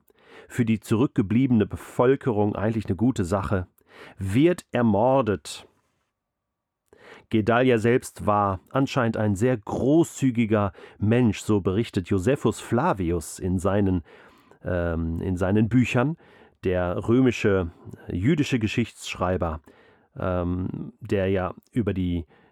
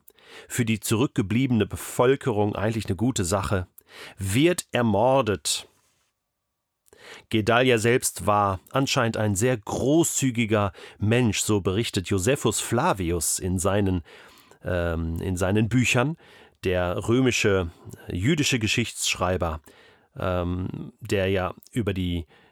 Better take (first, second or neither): second